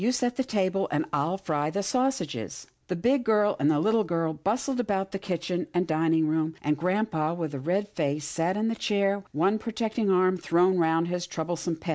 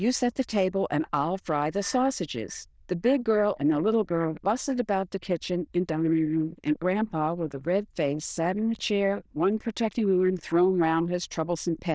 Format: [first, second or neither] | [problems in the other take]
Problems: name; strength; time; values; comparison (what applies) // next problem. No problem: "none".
first | noise reduction (neural diffusion model UNIVERSE++)